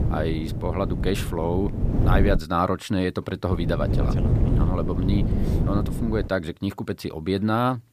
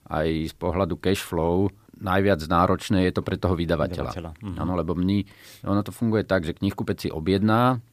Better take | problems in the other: second | wind noise on the microphone; heavy; until 2.5 s and from 3.5 to 6.5 s; 7 dB below the speech

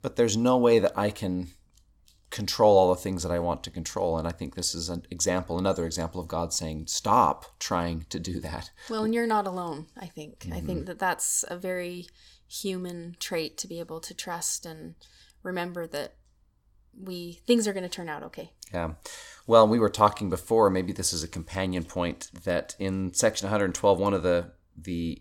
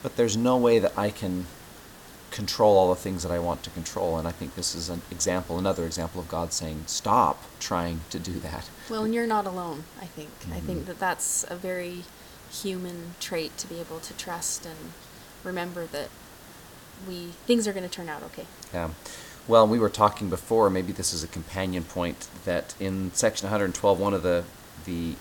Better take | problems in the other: first | hiss; noticeable; throughout; 20 dB below the speech

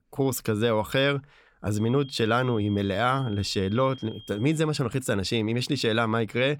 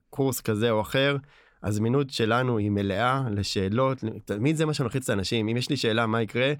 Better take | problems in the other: second | high-pitched whine; noticeable; from 2 to 4.5 s; 3 kHz, 20 dB below the speech

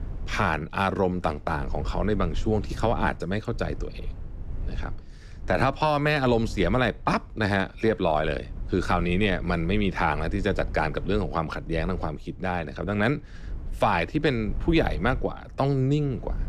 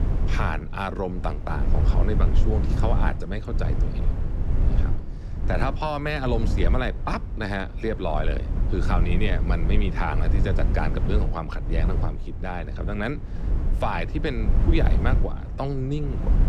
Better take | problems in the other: first | low rumble; loud; throughout; 9 dB below the speech; faint in the first

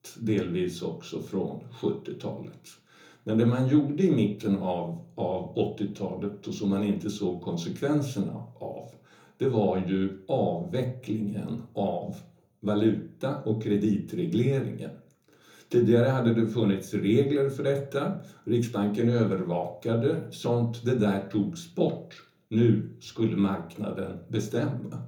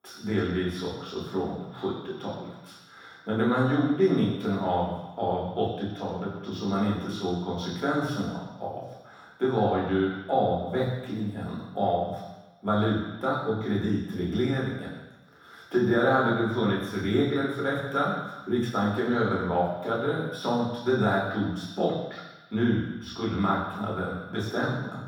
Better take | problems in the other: first | room echo; strong; dies away in 1.2 s; slight in the first // off-mic speech; far; somewhat distant in the first

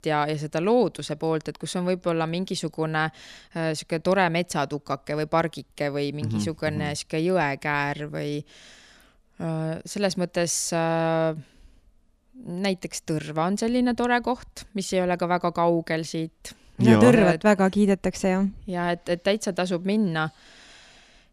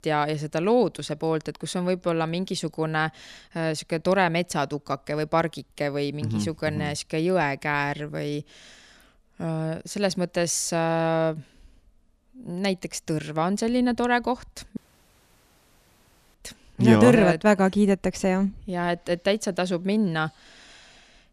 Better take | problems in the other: first | audio cutting out; at 15 s for 1.5 s

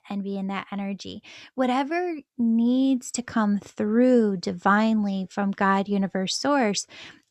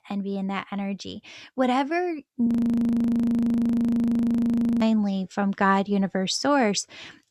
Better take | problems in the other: first | audio freezing; at 2.5 s for 2.5 s

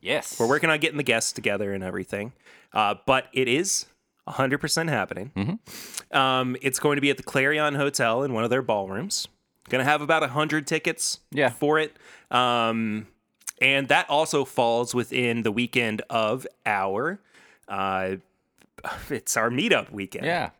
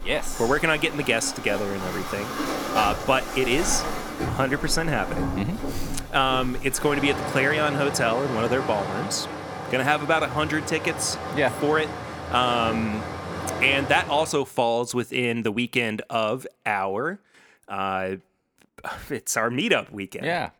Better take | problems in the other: first | rain or running water; loud; until 14 s; 7 dB below the speech

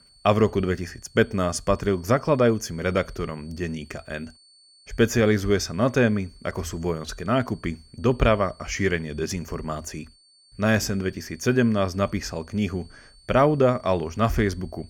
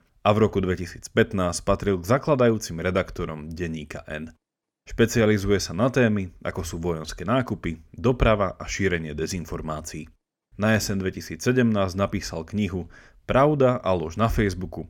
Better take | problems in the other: second | high-pitched whine; faint; throughout; 4.5 kHz, 30 dB below the speech

